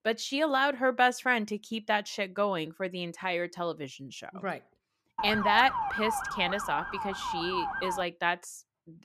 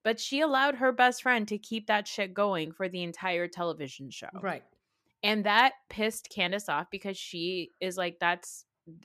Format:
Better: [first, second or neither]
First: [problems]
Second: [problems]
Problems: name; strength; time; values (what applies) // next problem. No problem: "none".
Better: second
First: siren; loud; from 5 to 8 s; peak level with the speech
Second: none